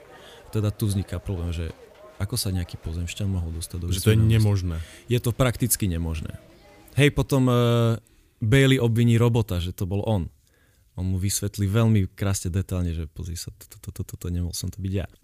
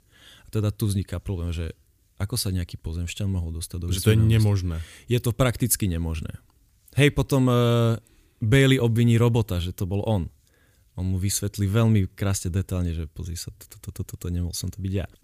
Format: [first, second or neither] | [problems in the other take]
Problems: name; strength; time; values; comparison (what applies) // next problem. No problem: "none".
second | crowd noise; faint; until 7.5 s; 25 dB below the speech